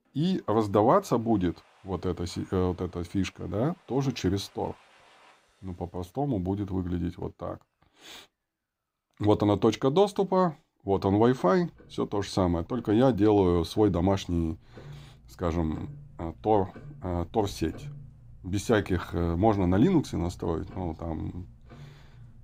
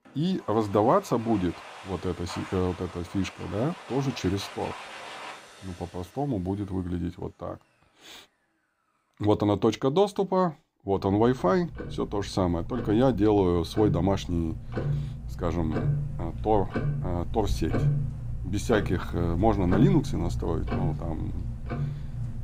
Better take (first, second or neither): first